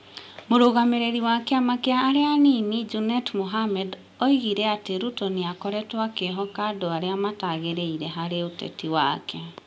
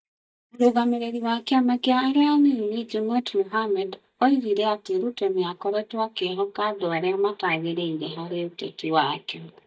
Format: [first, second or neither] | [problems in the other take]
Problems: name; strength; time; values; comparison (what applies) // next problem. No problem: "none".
first | noise reduction (neural mask model DeepFilterNet 3)